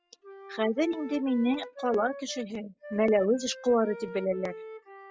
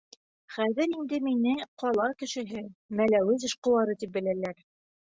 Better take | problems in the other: second | noise reduction (classical method log-MMSE)

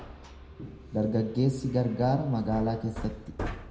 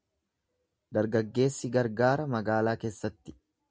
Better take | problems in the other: second | background sound (Hammer); 11 dB below the speech // room echo; dies away in 0.8 s

